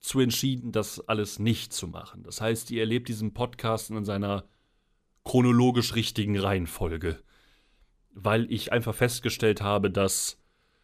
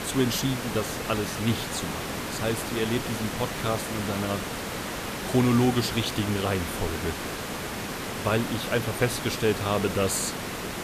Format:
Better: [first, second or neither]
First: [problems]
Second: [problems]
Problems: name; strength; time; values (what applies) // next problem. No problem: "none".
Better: first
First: none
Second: hiss; loud; throughout; 4 dB below the speech